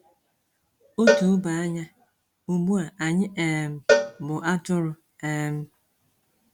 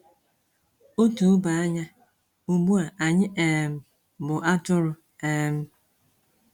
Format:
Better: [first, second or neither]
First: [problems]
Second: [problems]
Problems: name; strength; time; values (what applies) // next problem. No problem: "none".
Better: second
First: background sound (Cowbell); as loud as the speech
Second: none